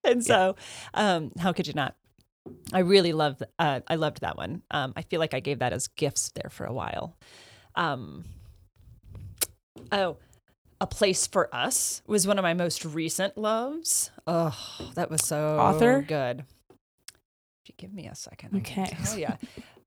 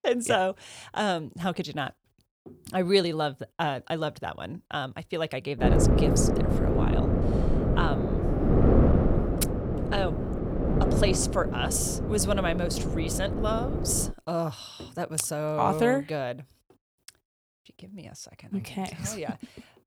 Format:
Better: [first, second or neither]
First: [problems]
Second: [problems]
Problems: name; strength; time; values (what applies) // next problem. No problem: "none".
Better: first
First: none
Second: wind noise on the microphone; heavy; from 5.5 to 14 s; 2 dB below the speech